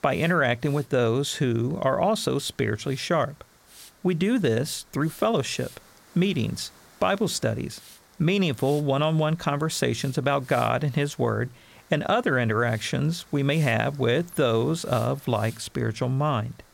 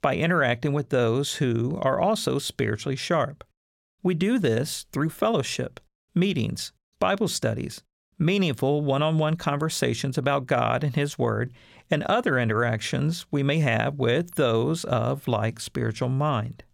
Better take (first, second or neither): second